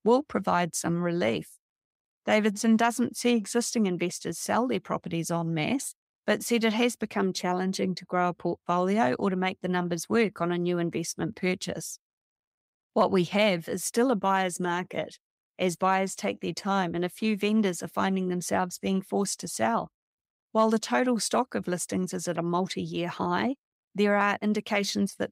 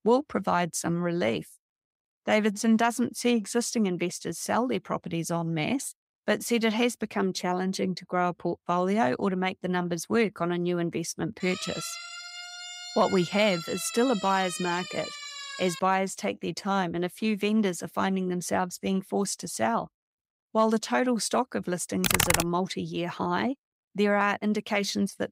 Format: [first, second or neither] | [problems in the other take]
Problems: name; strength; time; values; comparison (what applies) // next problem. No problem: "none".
first | siren; noticeable; from 11 to 16 s; peak 8 dB below the speech // keyboard typing; loud; at 22 s; peak 5 dB above the speech